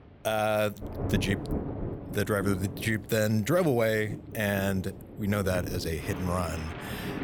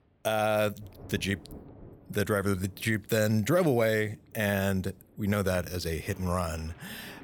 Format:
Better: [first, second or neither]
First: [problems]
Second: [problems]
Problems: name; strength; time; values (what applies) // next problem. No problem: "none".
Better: second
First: rain or running water; loud; throughout; 8 dB below the speech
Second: rain or running water; faint; throughout; 25 dB below the speech